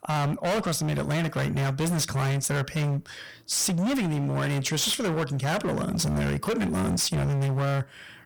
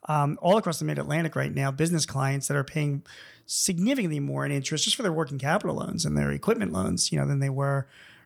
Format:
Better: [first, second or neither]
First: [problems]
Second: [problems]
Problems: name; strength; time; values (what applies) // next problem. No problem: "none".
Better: second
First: distortion; heavy; 34% of the sound clipped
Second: none